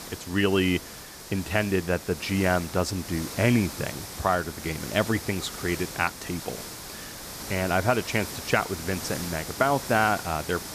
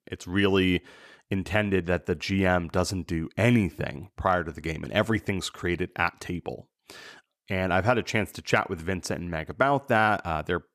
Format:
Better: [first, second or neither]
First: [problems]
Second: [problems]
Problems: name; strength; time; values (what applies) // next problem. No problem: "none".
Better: second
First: hiss; loud; throughout; 10 dB below the speech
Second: none